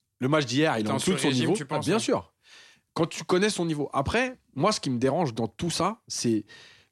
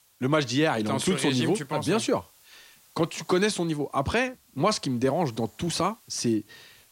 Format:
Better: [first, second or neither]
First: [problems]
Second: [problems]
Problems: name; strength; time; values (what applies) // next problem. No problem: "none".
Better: first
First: none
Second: hiss; faint; throughout; 30 dB below the speech